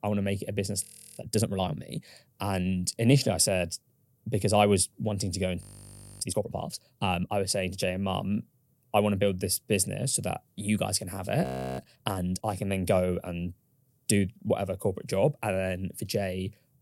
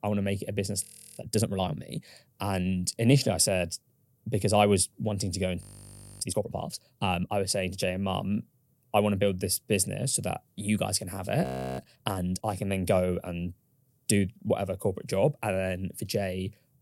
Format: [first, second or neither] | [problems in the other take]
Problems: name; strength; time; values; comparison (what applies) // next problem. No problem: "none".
neither | audio freezing; at 1 s, at 5.5 s for 0.5 s and at 11 s; the same in both